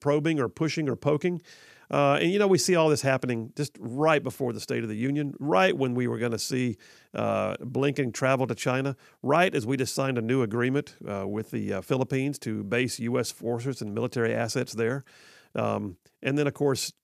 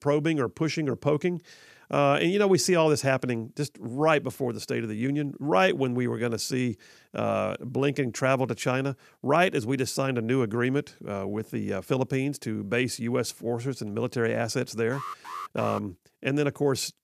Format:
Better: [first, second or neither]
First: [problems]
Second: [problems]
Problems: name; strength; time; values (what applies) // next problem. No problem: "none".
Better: first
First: none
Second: alarm; noticeable; at 15 s; peak 10 dB below the speech